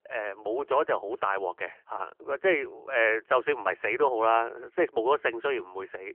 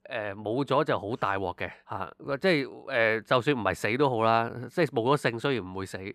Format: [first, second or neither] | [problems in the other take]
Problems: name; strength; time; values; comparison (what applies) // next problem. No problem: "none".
second | phone-call audio; nothing above 3 kHz